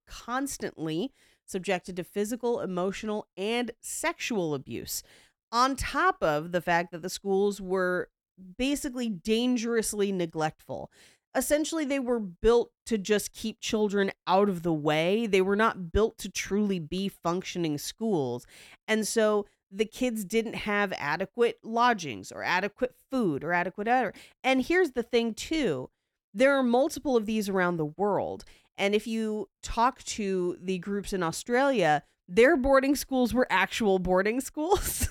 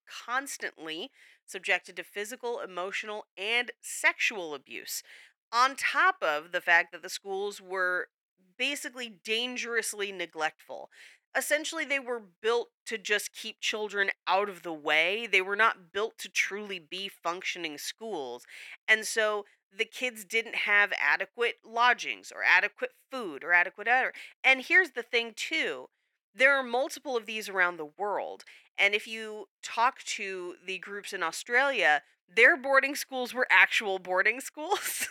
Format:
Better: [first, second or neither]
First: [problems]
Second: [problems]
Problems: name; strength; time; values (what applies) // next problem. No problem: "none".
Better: first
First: none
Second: thin; very; fading below 500 Hz